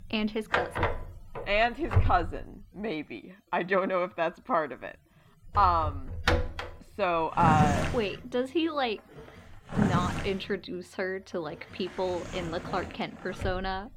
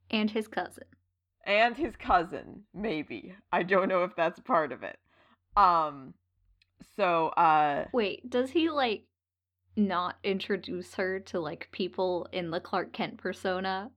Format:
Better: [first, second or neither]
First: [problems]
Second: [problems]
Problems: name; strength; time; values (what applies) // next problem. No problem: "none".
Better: second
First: household noises; loud; throughout; 2 dB below the speech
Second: none